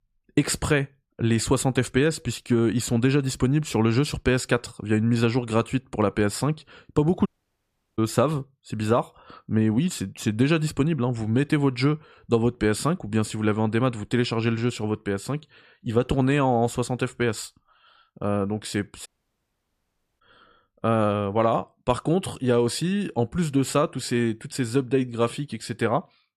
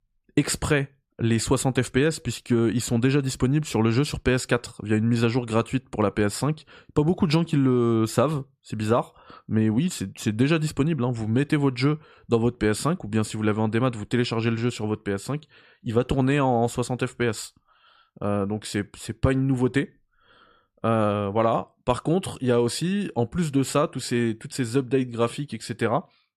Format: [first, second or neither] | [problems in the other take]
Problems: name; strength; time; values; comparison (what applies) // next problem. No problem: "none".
second | audio cutting out; at 7.5 s for 0.5 s and at 19 s for 1 s